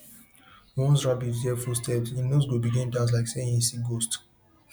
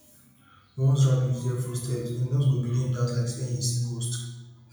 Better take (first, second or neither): first